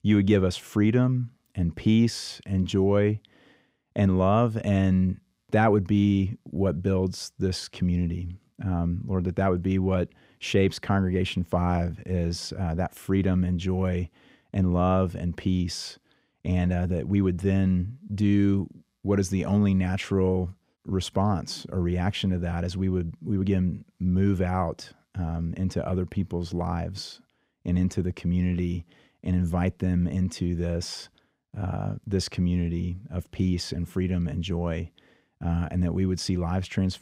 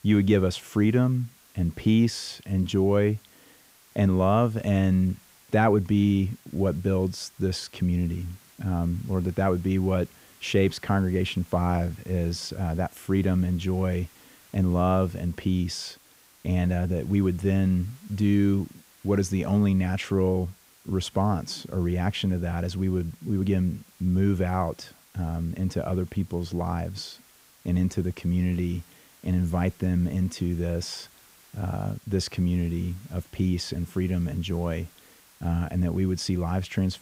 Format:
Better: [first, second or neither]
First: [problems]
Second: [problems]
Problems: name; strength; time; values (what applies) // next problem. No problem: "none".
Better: first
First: none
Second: hiss; faint; throughout; 25 dB below the speech